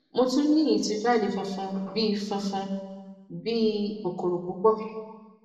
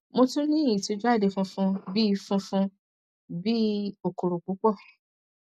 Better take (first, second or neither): second